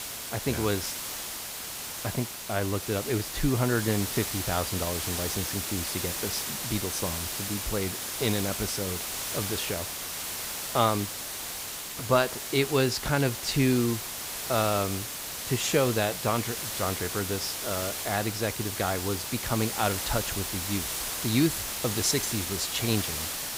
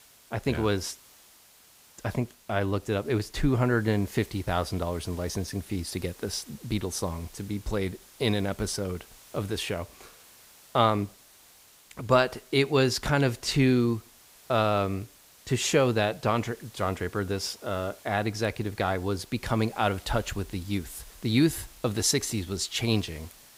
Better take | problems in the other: second | hiss; loud; throughout; 2 dB below the speech; faint in the second

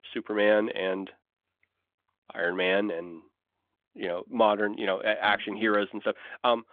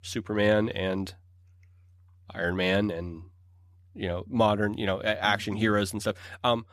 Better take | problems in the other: second | phone-call audio; nothing above 3.5 kHz

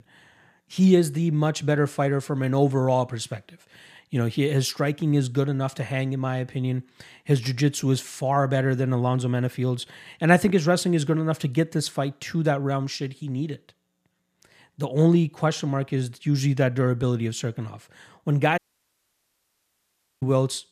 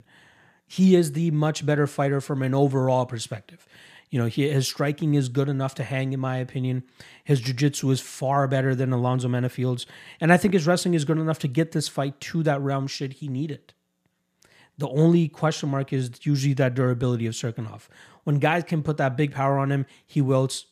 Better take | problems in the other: second | audio cutting out; at 19 s for 1.5 s

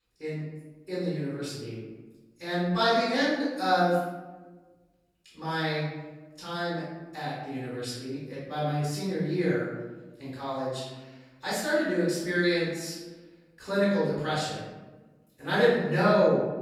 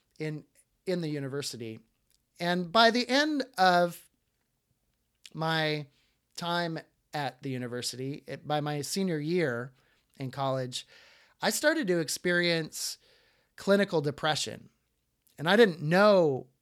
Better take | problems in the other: second | off-mic speech; far // room echo; strong; dies away in 1.1 s

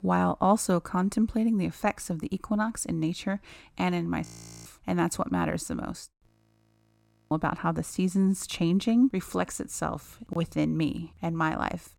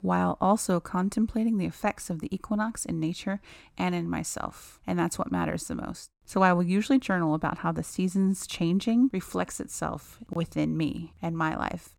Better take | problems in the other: second | audio freezing; at 4.5 s and at 6.5 s for 1 s

